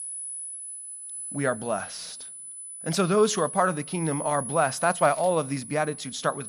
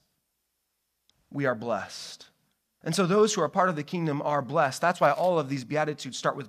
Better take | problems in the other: second | high-pitched whine; loud; throughout; 10.5 kHz, 10 dB below the speech

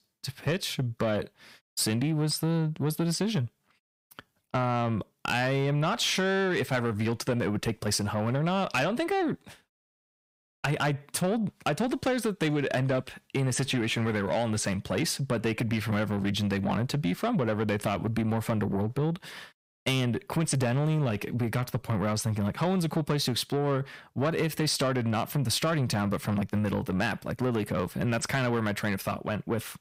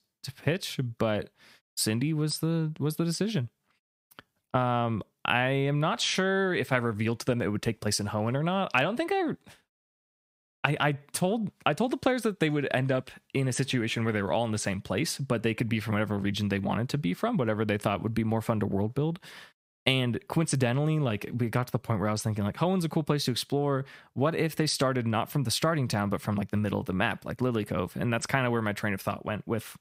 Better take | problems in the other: second | distortion; slight; 10 dB below the speech

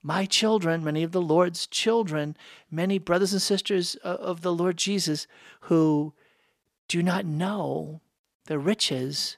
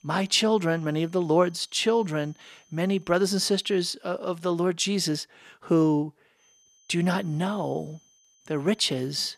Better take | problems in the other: first | high-pitched whine; faint; until 4 s and from 6.5 s on; 6 kHz, 35 dB below the speech

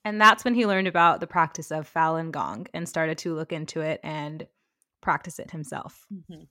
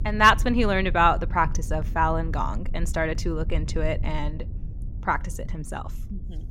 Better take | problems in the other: first | low rumble; faint; throughout; 25 dB below the speech

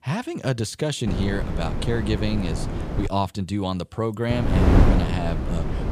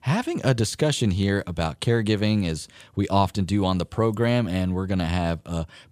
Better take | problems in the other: second | wind noise on the microphone; heavy; from 1 to 3 s and from 4.5 s on; 2 dB below the speech

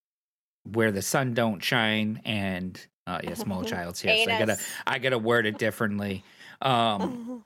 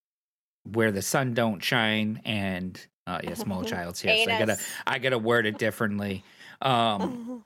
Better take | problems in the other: neither | none

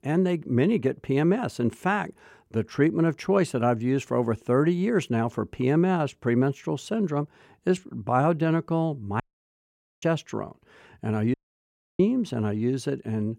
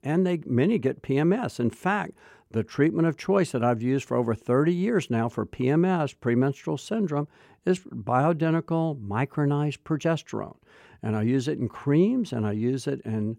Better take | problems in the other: second | audio cutting out; at 9 s for 1 s and at 11 s for 0.5 s

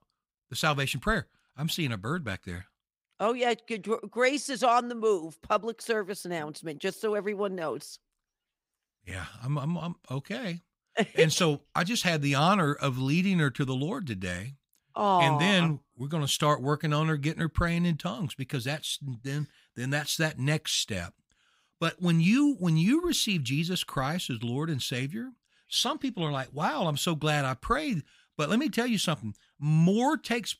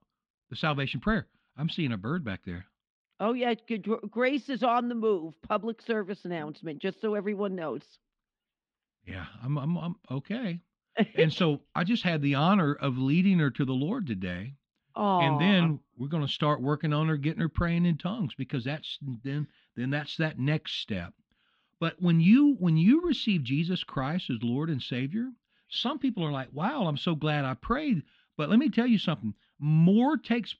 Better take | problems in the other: first | muffled; slightly; fading above 3.5 kHz

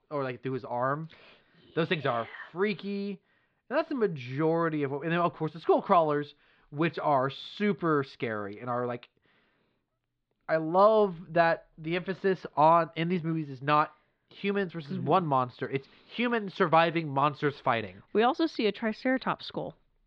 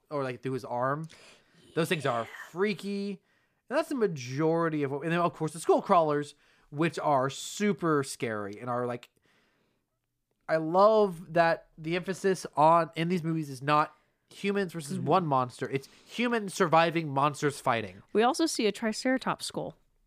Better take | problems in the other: second | muffled; slightly; fading above 4 kHz

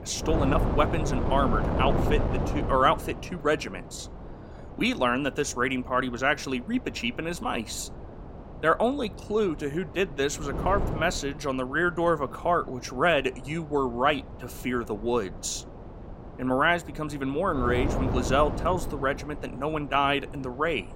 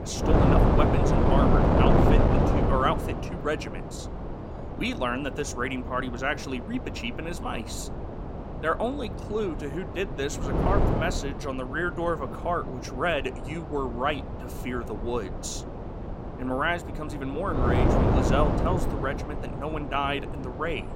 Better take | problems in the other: first | wind noise on the microphone; heavy; 2 dB below the speech; occasional gusts in the first

